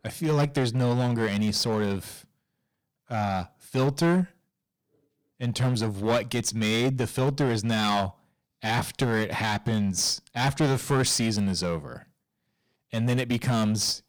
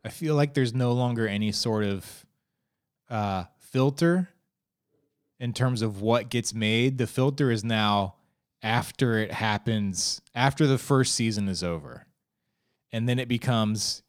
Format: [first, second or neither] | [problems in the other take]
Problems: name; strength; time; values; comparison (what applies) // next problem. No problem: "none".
second | distortion; heavy; 8% of the sound clipped